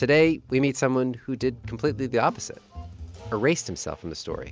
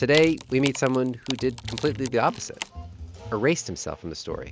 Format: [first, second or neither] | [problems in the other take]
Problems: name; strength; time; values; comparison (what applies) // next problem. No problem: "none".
first | background sound (Wood); 13 dB below the speech